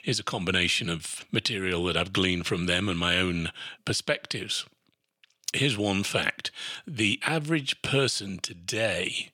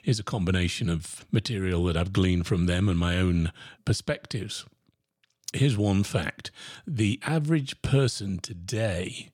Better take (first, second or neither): second